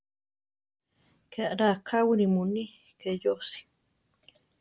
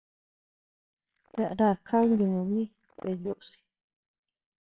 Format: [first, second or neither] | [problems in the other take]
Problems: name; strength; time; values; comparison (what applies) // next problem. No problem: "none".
first | noise reduction (neural separator model SepFormer WHAMR!)